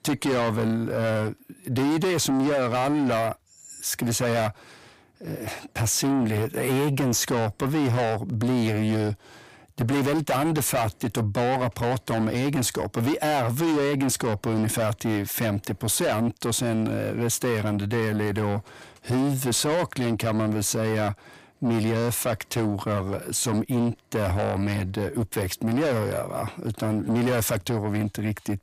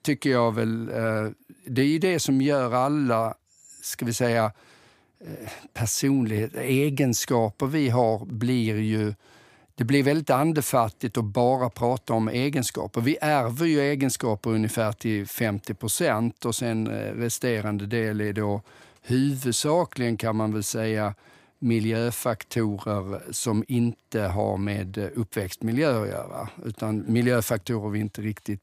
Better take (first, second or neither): second